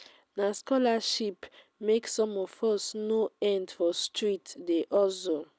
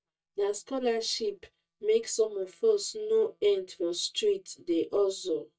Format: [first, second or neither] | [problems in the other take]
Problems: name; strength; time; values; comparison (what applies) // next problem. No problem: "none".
first | noise reduction (neural mask model DeepFilterNet 3)